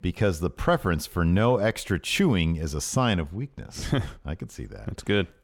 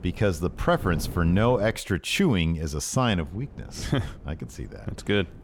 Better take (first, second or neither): first